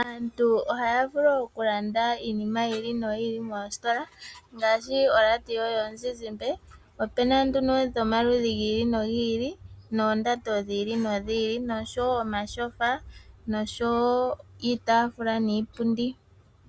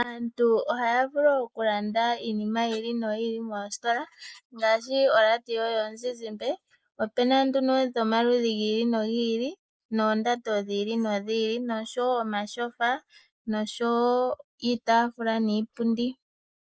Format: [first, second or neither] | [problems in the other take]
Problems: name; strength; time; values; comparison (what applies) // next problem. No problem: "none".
first | noise reduction (neural mask model Resemble Enhance denoiser)